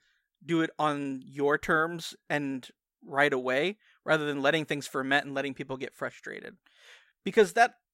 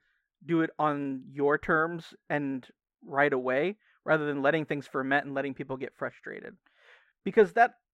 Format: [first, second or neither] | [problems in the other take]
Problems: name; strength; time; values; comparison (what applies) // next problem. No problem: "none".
first | muffled; slightly; fading above 3 kHz